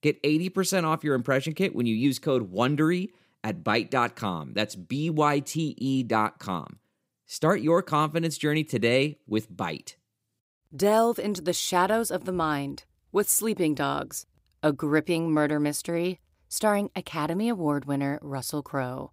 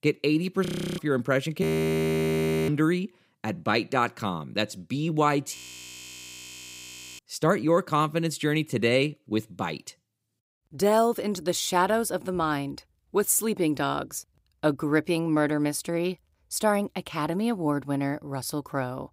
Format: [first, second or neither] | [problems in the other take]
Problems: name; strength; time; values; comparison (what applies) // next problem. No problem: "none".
first | audio freezing; at 0.5 s, at 1.5 s for 1 s and at 5.5 s for 1.5 s